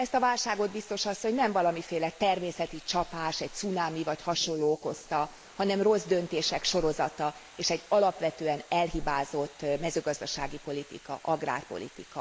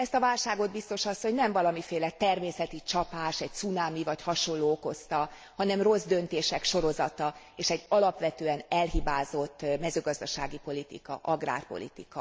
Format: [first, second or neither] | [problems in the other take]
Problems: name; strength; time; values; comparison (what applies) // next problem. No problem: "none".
second | noise reduction (neural mask model Resemble Enhance denoiser)